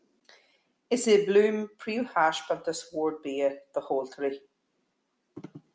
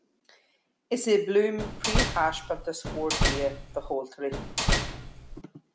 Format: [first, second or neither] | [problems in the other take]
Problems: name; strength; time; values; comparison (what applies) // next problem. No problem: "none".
first | background sound (Slam); 1 dB above the speech